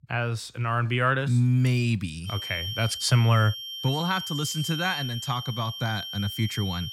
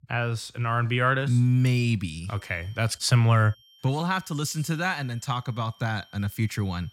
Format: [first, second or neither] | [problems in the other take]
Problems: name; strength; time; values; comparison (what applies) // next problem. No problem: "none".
second | high-pitched whine; loud; from 2.5 s on; 3 kHz, 7 dB below the speech; faint in the second